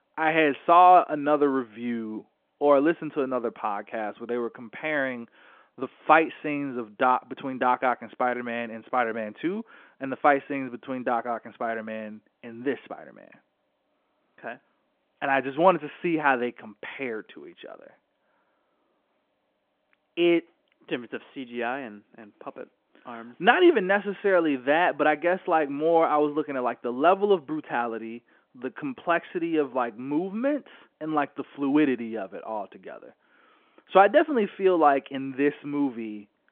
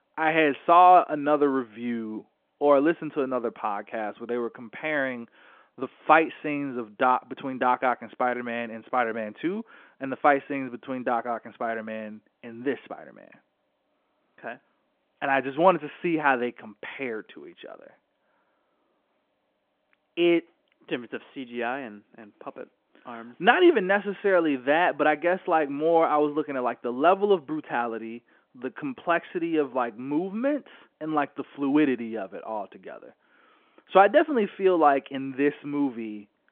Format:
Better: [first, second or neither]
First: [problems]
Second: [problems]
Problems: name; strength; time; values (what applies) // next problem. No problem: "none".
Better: neither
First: phone-call audio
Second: phone-call audio